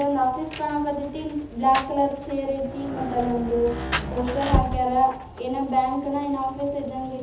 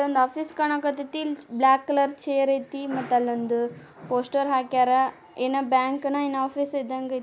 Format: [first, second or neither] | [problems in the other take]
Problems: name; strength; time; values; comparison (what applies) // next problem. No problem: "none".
second | background sound (Rain); 7 dB below the speech // room echo; dies away in 0.8 s